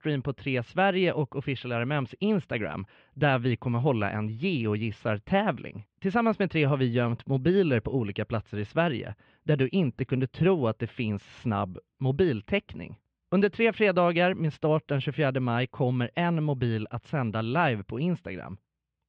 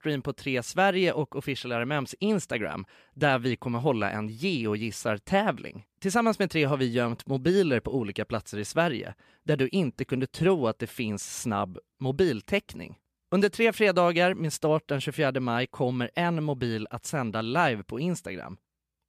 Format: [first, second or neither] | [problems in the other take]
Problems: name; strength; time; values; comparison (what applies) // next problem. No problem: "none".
second | muffled; slightly; fading above 3 kHz